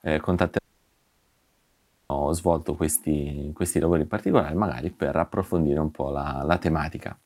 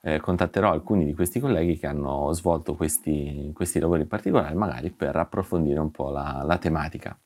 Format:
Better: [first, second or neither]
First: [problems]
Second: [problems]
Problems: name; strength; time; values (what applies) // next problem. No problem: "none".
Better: second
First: audio cutting out; at 0.5 s for 1.5 s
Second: none